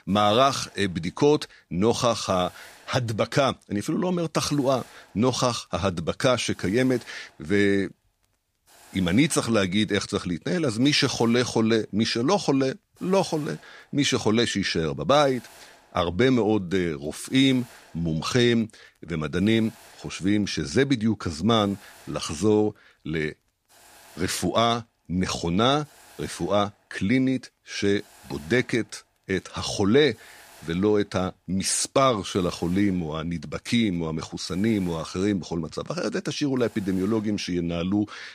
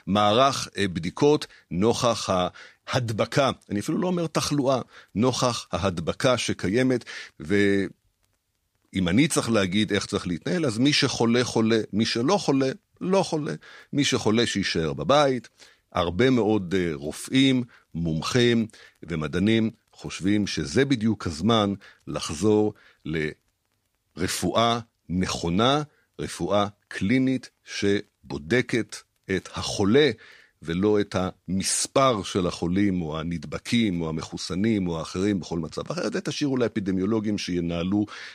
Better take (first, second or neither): second